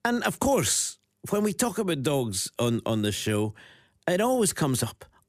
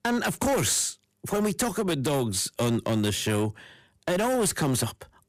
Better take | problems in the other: first | distortion; slight; 14% of the sound clipped

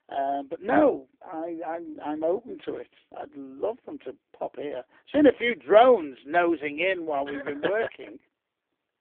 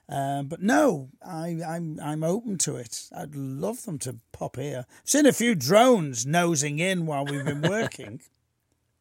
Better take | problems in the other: second | phone-call audio; poor line; nothing above 3 kHz

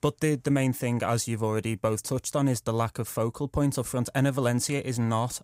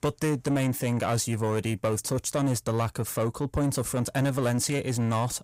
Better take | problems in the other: first | distortion; slight; 10 dB below the speech

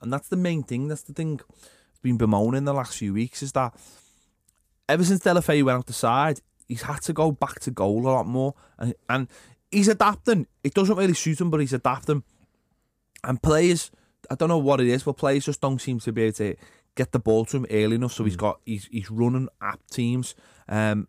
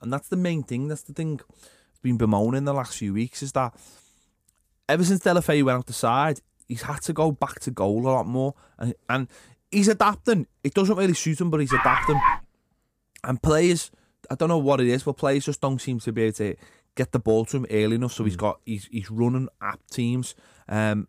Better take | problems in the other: first | dog barking; loud; at 12 s; peak 4 dB above the speech

